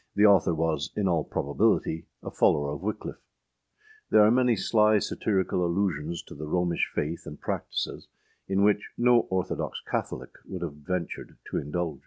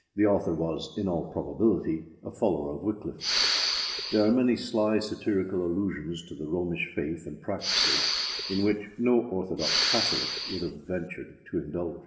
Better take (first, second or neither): first